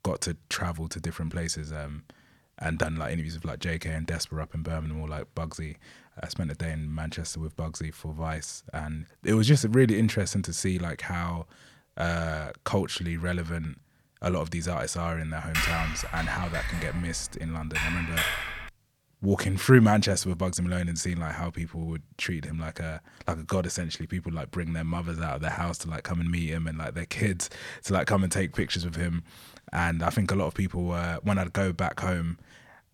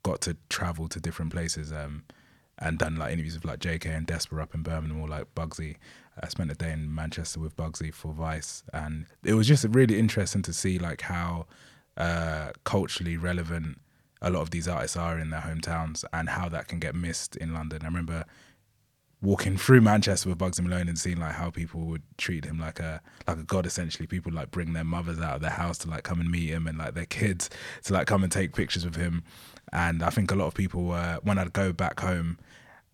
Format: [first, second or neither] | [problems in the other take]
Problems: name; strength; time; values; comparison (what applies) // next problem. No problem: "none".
second | keyboard typing; loud; from 16 to 19 s; peak 2 dB above the speech